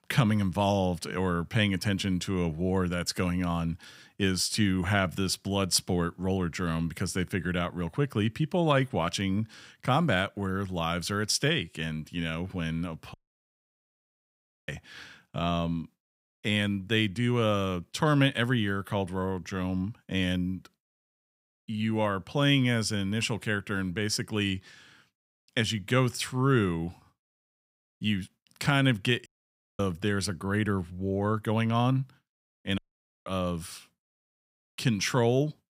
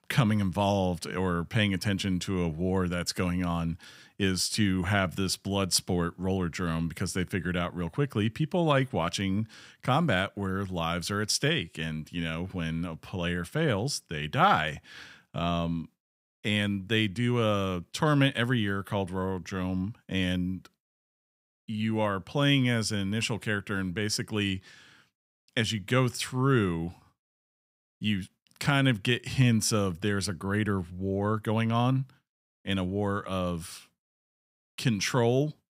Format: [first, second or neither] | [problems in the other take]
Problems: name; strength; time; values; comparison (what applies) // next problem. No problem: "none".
second | audio cutting out; at 13 s for 1.5 s, at 29 s for 0.5 s and at 33 s